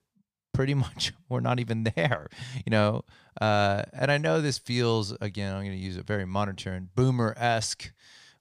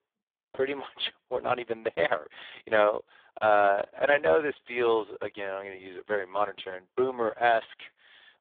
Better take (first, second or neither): first